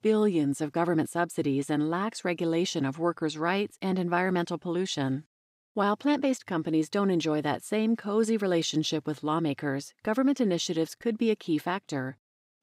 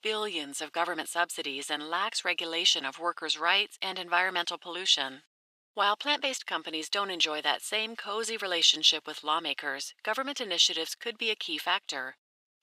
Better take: first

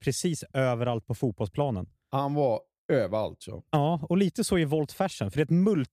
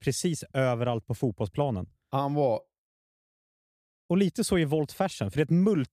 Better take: first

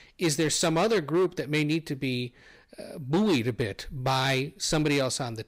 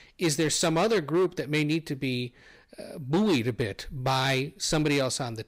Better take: neither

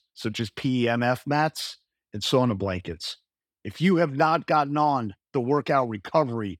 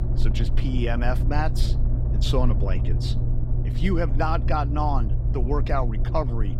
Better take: first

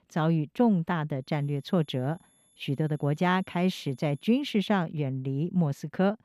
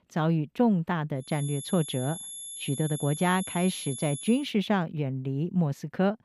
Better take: first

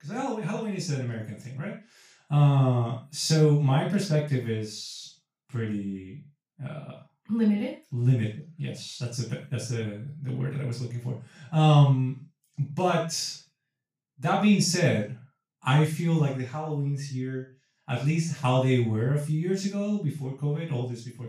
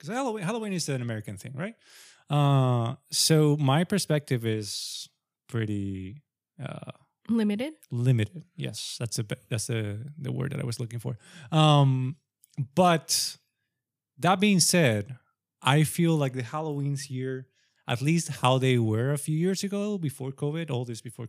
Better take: second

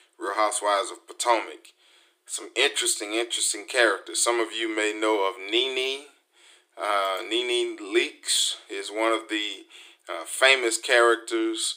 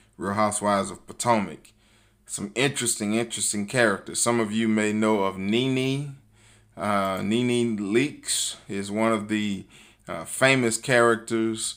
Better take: second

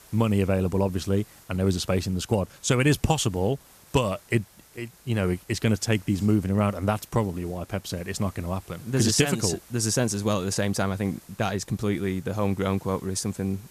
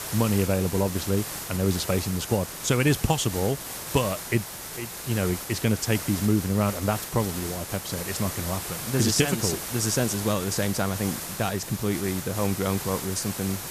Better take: first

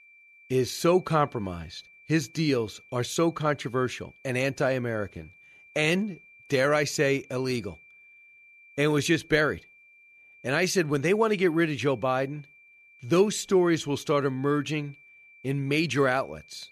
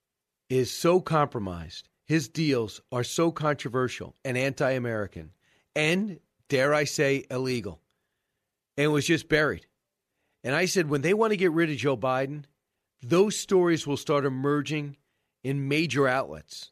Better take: second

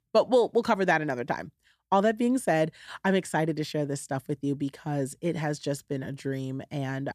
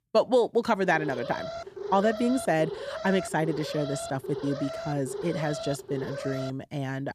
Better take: first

